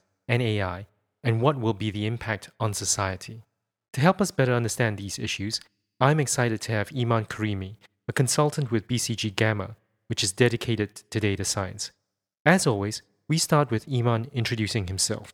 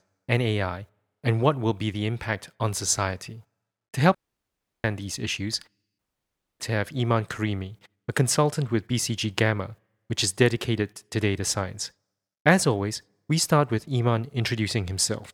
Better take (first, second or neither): first